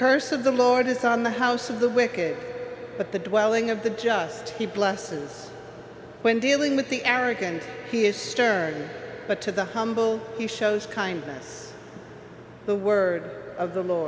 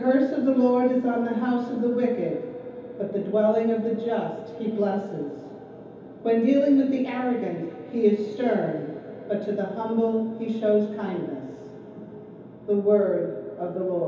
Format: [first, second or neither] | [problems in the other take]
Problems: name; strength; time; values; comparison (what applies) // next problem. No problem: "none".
first | room echo; dies away in 0.9 s